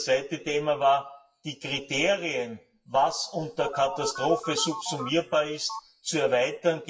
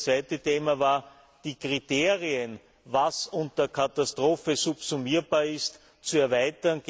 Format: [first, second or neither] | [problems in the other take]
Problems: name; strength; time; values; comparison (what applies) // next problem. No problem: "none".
second | noise reduction (classical method WPE with log-MMSE)